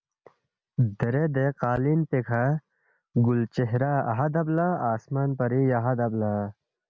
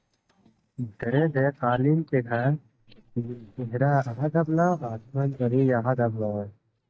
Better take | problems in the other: first | noise reduction (neural mask model DeepFilterNet 3)

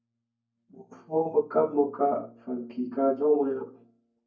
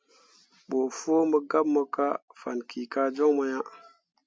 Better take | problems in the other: second | noise reduction (neural mask model DeepFilterNet 3)

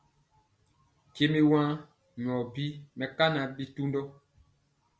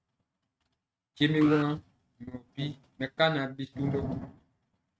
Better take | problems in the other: first | noise reduction (neural mask model RNNoise)

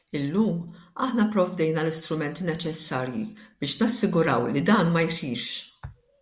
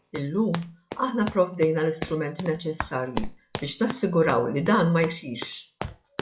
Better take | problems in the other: first | noise reduction (classical method WPE with log-MMSE)

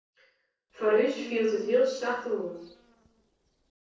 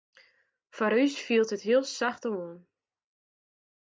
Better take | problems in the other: second | noise reduction (neural separator model SepFormer DNS4)

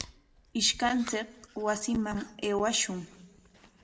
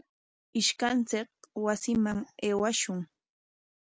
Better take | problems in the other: second | background sound (Chewing, mastication); 19 dB below the speech // room echo; dies away in 0.7 s

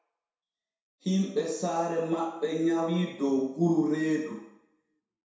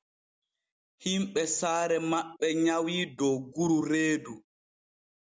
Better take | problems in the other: second | room echo; dies away in 0.7 s

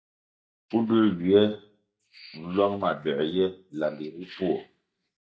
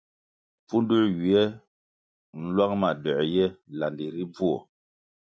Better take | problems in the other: second | noise reduction (neural mask model DeepFilterNet 3)

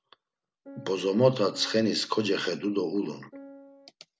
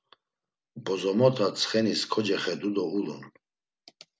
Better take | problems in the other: second | background sound (Piano); 18 dB below the speech

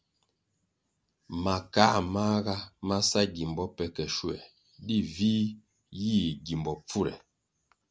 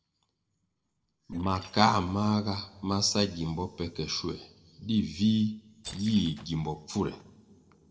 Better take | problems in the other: first | noise reduction (neural separator model SepFormer DNS4)

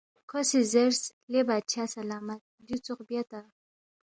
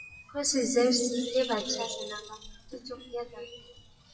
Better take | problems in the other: first | noise reduction (classical method WPE with log-MMSE)

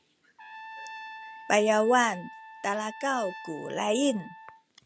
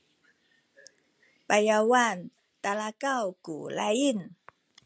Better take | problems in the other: second | background sound (Trumpet); 15 dB below the speech

